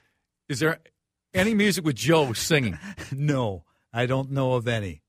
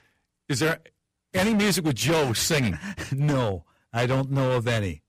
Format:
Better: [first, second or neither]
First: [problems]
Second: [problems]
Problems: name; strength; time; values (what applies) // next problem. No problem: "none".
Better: first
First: none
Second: distortion; heavy; 14% of the sound clipped